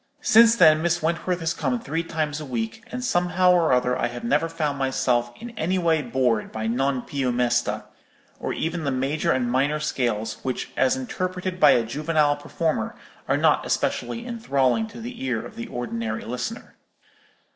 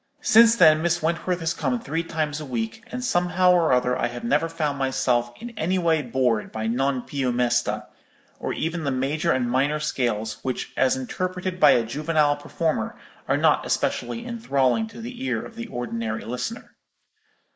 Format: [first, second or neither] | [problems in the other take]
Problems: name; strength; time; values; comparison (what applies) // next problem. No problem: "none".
first | noise reduction (neural mask model Resemble Enhance denoiser)